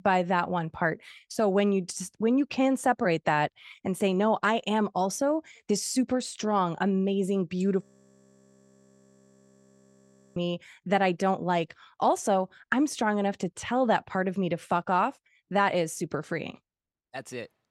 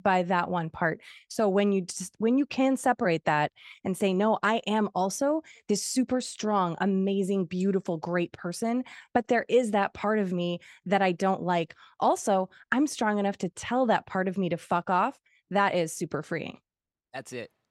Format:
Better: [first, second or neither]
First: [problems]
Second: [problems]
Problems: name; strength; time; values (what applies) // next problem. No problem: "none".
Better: second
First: audio freezing; at 8 s for 2.5 s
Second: none